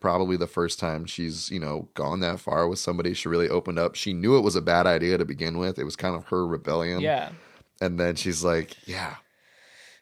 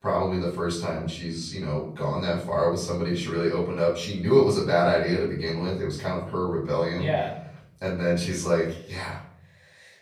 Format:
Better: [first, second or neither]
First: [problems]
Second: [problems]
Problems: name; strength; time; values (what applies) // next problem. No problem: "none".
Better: first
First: none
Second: off-mic speech; far // room echo; noticeable; dies away in 0.6 s